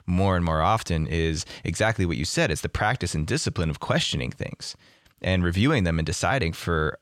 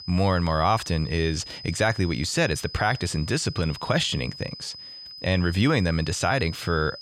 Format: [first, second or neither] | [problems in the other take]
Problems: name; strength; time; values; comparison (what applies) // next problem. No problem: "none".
first | high-pitched whine; noticeable; throughout; 5 kHz, 15 dB below the speech